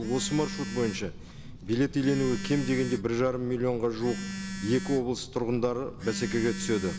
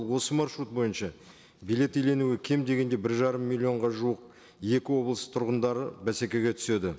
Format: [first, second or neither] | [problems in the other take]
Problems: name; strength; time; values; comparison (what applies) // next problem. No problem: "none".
second | background sound (Telephone); 8 dB below the speech